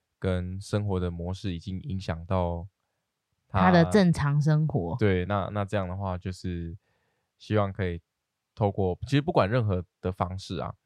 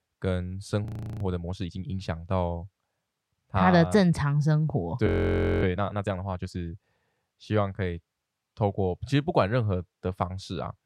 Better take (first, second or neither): first